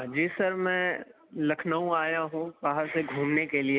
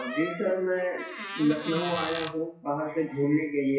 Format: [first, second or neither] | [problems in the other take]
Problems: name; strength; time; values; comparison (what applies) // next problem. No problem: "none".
first | noise reduction (classical method WPE with log-MMSE)